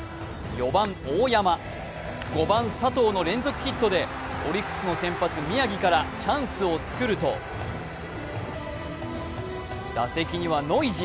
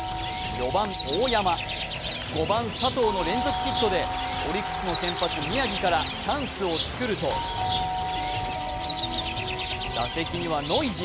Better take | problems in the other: first | background sound (Doorbell + Bird); 3 dB below the speech

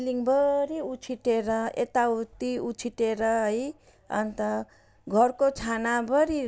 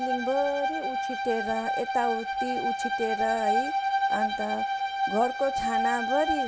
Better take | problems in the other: first | background sound (Bowed string instrument); 2 dB above the speech

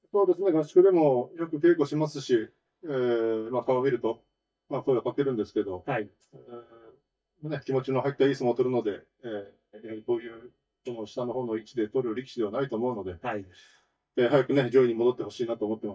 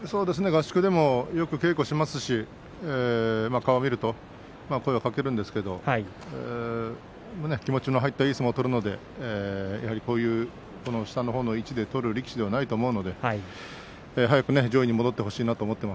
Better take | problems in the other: second | noise reduction (neural mask model DeepFilterNet 3)

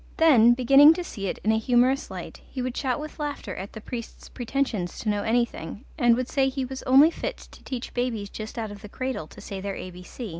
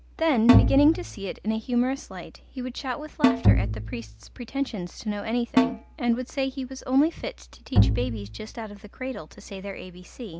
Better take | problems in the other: first | background sound (Bowed string instrument + Snare drum); 3 dB above the speech

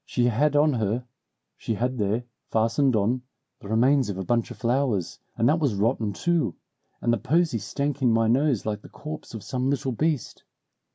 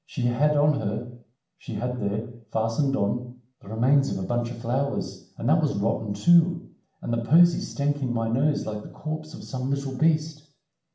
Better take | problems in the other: first | room echo; dies away in 0.6 s

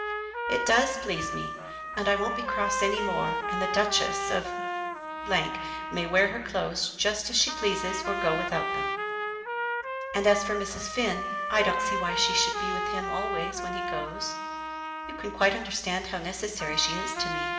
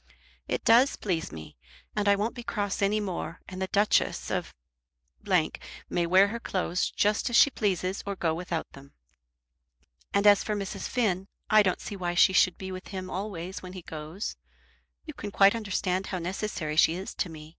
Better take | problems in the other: second | background sound (Trumpet); 3 dB below the speech // room echo; dies away in 2.5 s

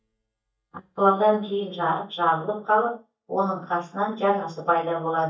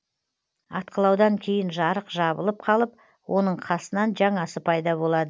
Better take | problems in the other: second | noise reduction (neural mask model DeepFilterNet 3)

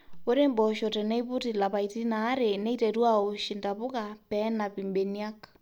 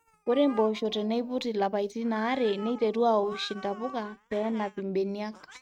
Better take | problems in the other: first | noise reduction (neural mask model RNNoise)

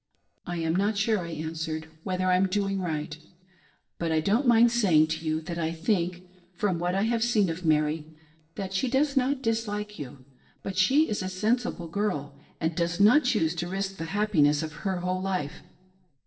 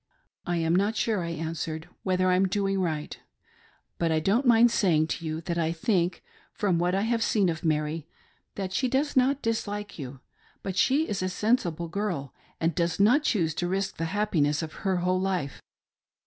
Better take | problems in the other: second | noise reduction (neural separator model SepFormer DNS4)

